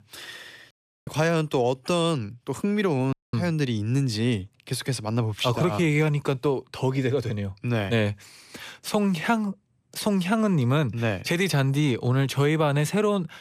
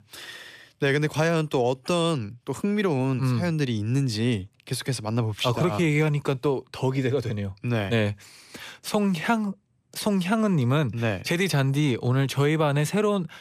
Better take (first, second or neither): second